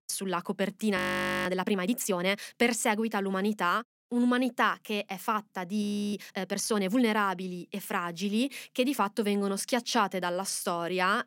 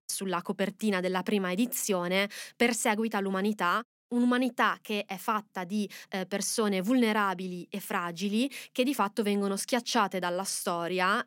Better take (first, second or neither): second